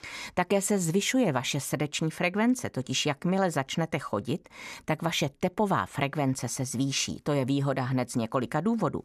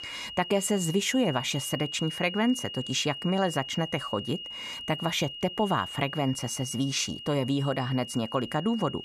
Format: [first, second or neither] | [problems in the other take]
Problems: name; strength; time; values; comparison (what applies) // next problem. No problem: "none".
first | high-pitched whine; loud; throughout; 3 kHz, 9 dB below the speech